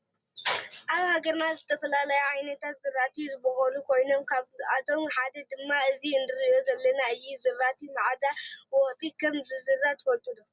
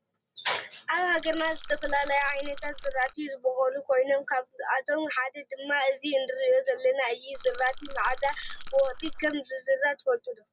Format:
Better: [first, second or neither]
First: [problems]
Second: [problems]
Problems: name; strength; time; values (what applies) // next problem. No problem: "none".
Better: first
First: none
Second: background sound (Rattle / Rattle (instrument)); 8 dB below the speech